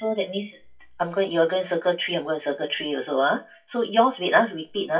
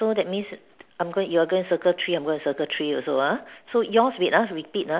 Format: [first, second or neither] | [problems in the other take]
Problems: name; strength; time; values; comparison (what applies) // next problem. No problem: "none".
second | noise reduction (classical method WPE with log-MMSE)